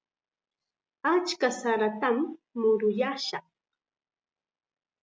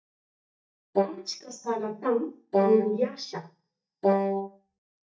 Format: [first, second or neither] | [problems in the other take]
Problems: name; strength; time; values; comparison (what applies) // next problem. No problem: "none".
first | noise reduction (neural mask model DeepFilterNet 3)